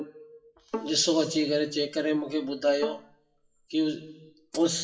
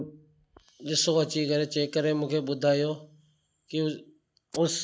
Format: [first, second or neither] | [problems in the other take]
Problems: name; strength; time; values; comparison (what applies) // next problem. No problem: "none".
second | noise reduction (classical method WPE with log-MMSE)